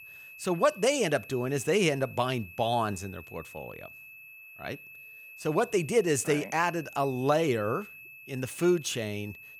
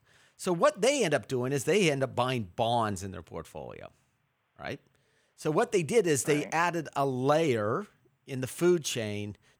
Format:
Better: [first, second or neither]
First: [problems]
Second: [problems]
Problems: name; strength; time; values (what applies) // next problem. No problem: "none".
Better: second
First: high-pitched whine; noticeable; throughout; 2.5 kHz, 15 dB below the speech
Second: none